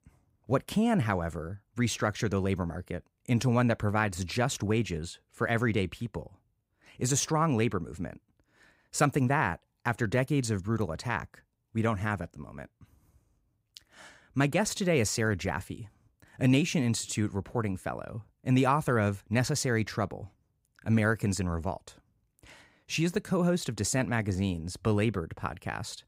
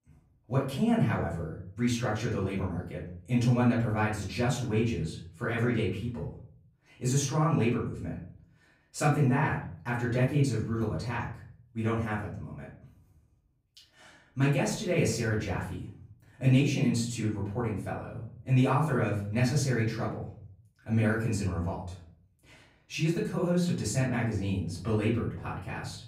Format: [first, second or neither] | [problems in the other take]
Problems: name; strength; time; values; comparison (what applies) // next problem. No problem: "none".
first | off-mic speech; far // room echo; slight; dies away in 0.6 s